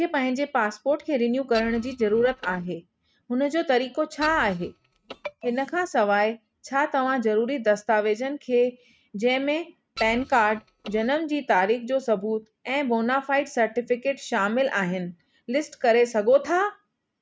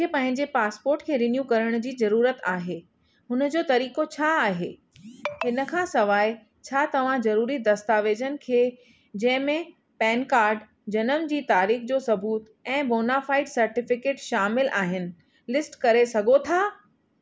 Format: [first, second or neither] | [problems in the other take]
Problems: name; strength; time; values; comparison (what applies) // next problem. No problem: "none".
second | noise reduction (neural mask model RNNoise)